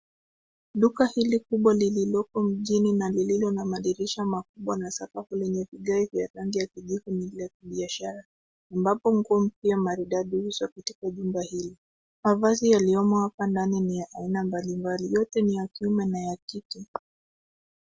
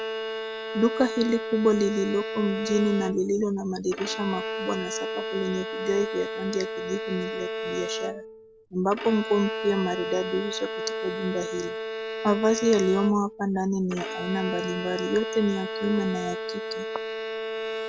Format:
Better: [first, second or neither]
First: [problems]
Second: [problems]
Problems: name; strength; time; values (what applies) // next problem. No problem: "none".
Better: first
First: none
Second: background sound (Bowed string instrument); 5 dB below the speech